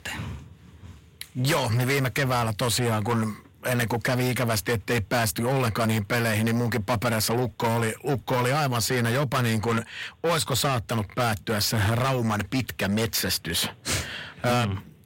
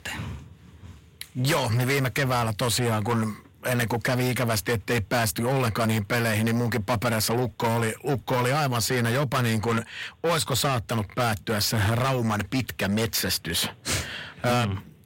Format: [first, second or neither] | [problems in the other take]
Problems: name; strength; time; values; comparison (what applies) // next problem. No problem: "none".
neither | distortion; heavy; 7 dB below the speech; the same in both